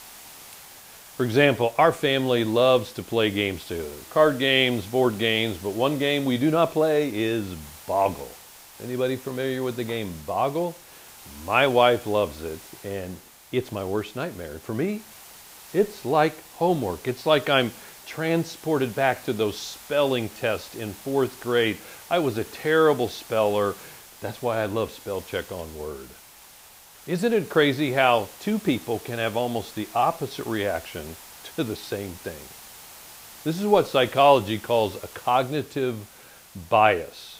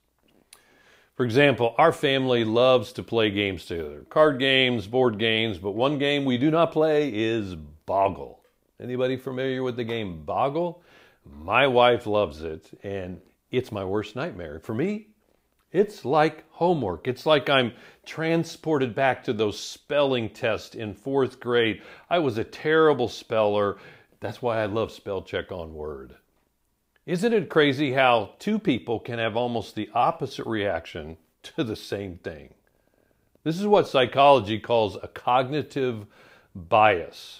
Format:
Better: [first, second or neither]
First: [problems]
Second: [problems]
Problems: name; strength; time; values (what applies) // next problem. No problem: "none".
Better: second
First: hiss; noticeable; throughout; 20 dB below the speech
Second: none